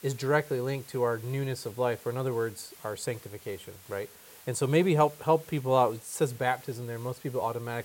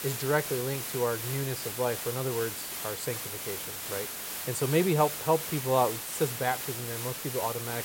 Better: first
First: hiss; faint; throughout; 20 dB below the speech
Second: hiss; loud; throughout; 4 dB below the speech

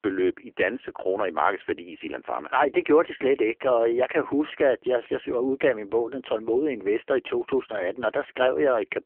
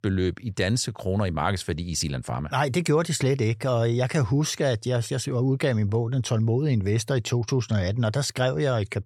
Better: second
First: phone-call audio; poor line; nothing above 3 kHz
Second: none

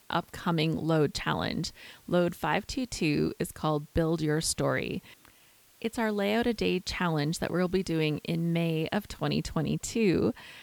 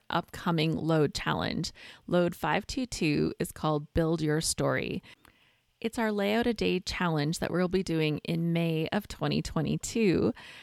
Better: second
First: hiss; faint; throughout; 30 dB below the speech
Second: none

